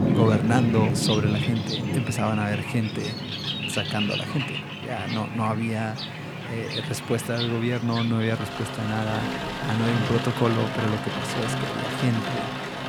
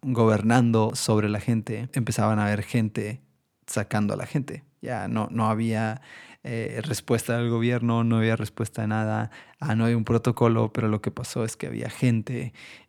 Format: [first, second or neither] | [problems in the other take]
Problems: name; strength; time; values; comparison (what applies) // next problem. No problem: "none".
second | rain or running water; loud; throughout; 2 dB below the speech